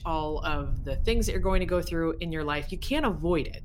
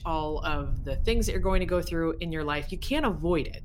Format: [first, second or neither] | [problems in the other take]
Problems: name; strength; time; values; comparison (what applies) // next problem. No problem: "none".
neither | low rumble; faint; throughout; 25 dB below the speech; the same in both